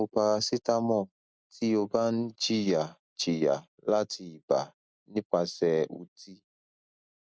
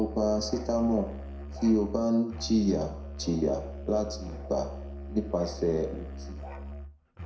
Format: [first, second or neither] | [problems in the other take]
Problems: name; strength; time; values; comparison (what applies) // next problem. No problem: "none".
first | background sound (Musical instrument); 10 dB below the speech // room echo; dies away in 0.5 s